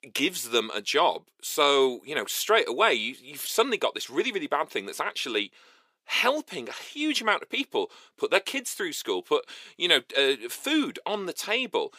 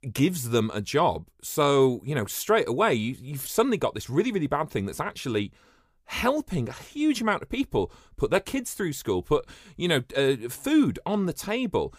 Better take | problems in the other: second | thin; somewhat; fading below 350 Hz

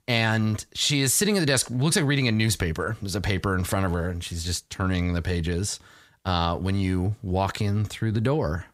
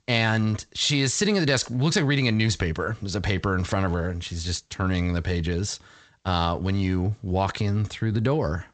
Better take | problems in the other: first | garbled, watery; slightly; nothing above 8 kHz

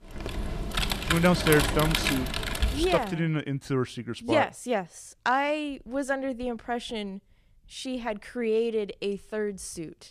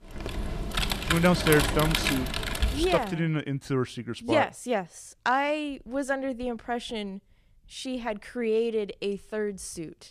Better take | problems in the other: neither | keyboard typing; loud; until 3 s; peak 2 dB above the speech; the same in both

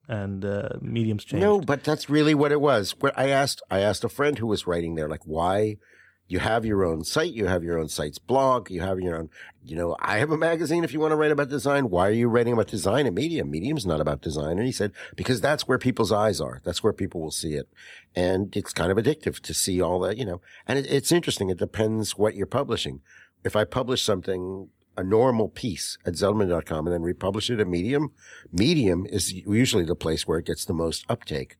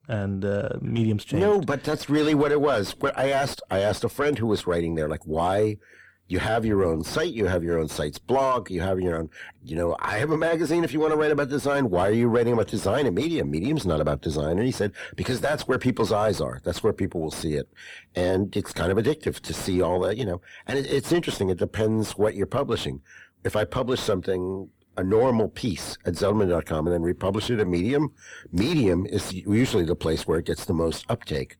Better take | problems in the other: first | distortion; slight; 10 dB below the speech

